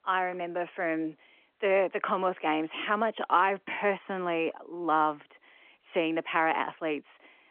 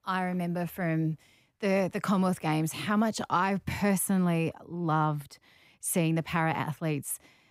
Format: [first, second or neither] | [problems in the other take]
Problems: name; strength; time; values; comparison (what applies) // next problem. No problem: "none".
second | phone-call audio